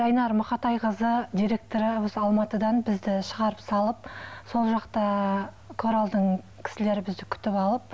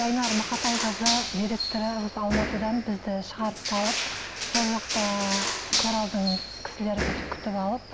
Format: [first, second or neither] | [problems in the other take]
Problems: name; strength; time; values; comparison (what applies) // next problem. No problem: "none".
first | background sound (Crushing); 2 dB below the speech